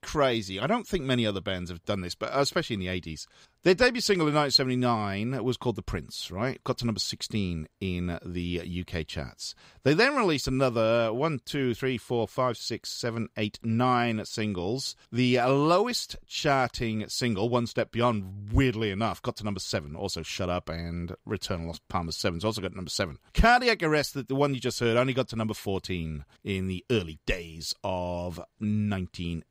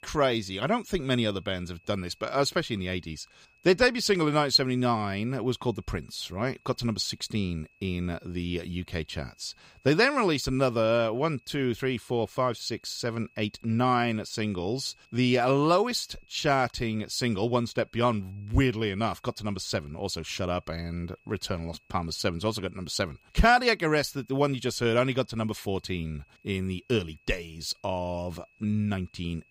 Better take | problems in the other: first | high-pitched whine; faint; throughout; 2.5 kHz, 35 dB below the speech

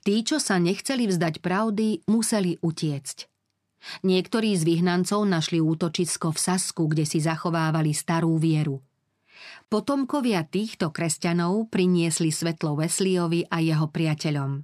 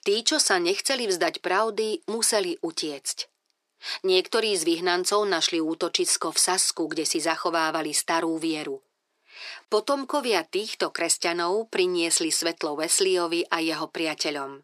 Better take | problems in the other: first | thin; very; fading below 400 Hz

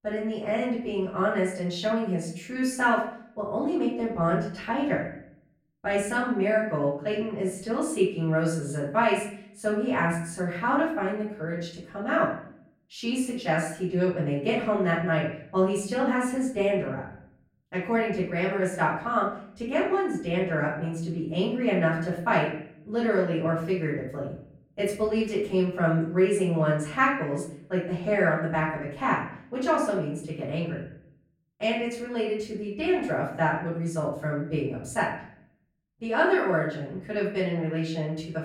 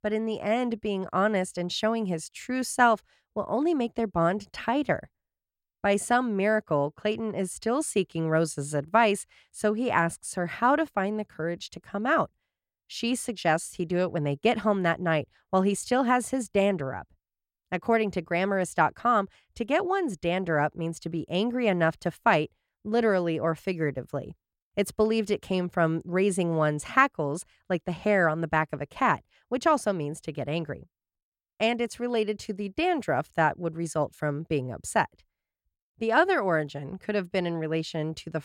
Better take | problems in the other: second | off-mic speech; far // room echo; noticeable; dies away in 0.6 s

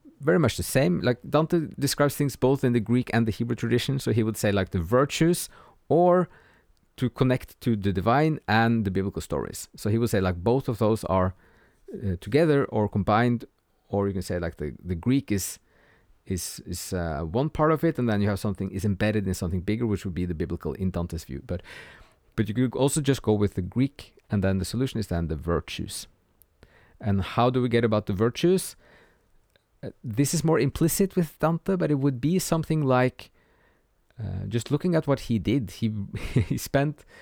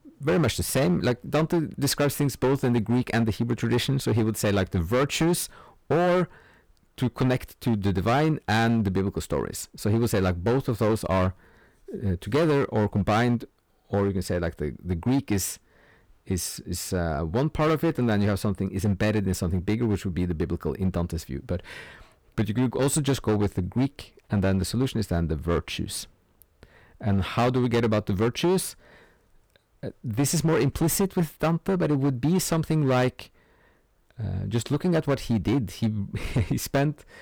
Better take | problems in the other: first | distortion; slight; 11% of the sound clipped

